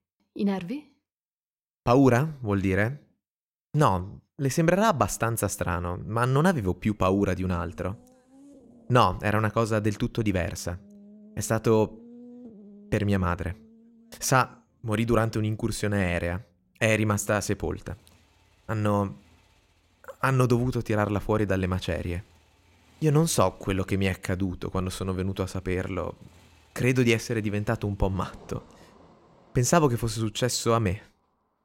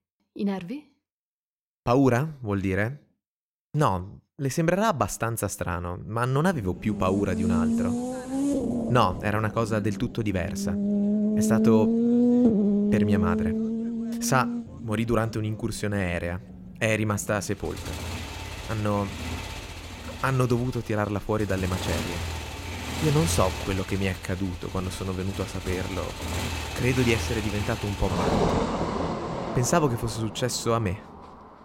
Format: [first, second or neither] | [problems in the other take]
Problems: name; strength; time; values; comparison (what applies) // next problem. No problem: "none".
first | traffic noise; loud; from 6.5 s on; 1 dB below the speech; faint in the first